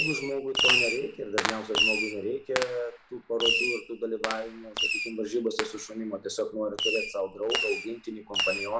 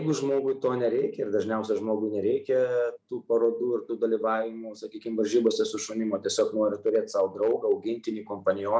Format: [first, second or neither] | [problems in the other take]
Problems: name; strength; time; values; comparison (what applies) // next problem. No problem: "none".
second | background sound (Fireworks); 1 dB above the speech